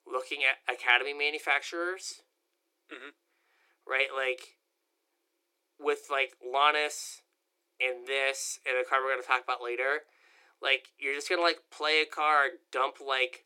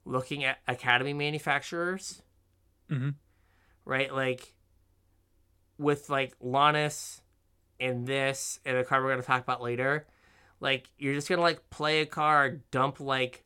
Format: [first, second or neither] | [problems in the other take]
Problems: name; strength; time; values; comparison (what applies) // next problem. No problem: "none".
second | thin; very; fading below 300 Hz